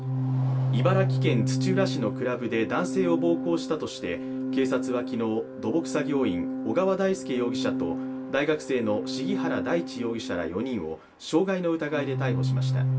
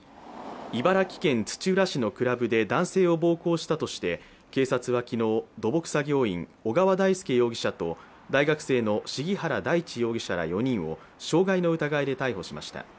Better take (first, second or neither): second